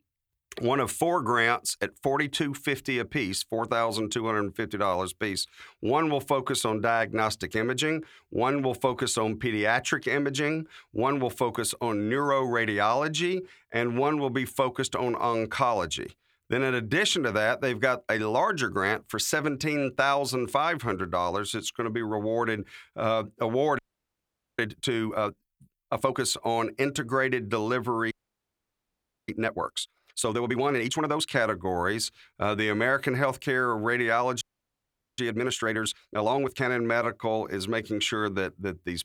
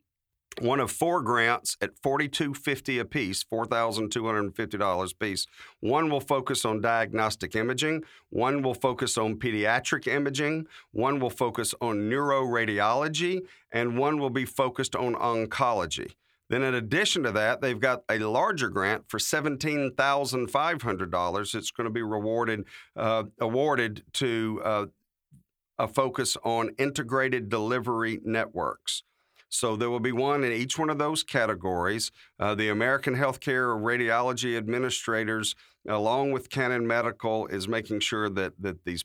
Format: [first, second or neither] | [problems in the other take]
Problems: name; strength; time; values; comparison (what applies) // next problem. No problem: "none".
second | audio freezing; at 24 s for 1 s, at 28 s for 1 s and at 34 s for 1 s